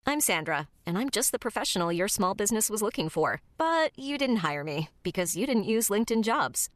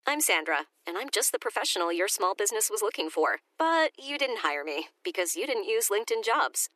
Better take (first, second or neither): first